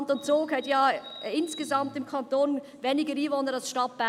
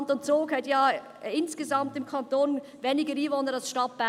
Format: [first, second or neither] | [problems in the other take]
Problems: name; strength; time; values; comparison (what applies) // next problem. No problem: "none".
second | background sound (Bird); 19 dB below the speech